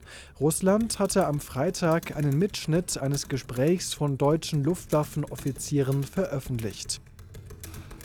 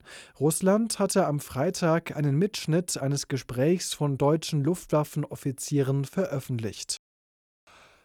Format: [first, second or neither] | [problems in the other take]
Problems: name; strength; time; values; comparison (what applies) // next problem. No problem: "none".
second | household noises; noticeable; throughout; 20 dB below the speech